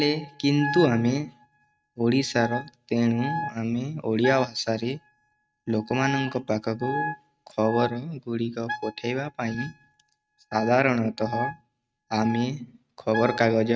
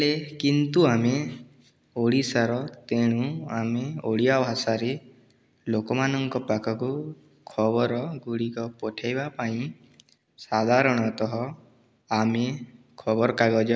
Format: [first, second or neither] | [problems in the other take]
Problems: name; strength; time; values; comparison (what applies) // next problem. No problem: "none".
second | noise reduction (neural mask model RNNoise)